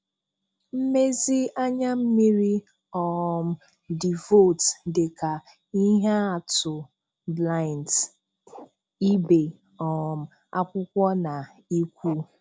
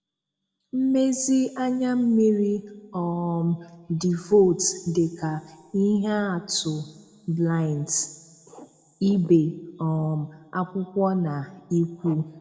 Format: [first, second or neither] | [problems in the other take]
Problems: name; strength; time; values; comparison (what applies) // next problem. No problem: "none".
first | room echo; dies away in 1 s